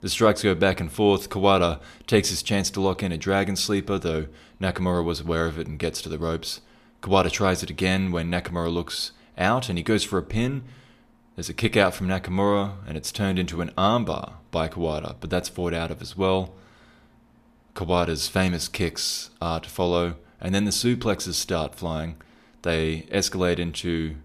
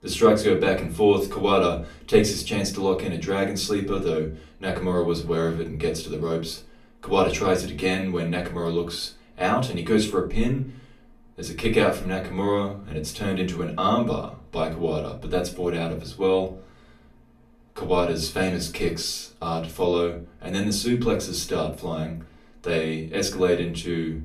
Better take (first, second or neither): first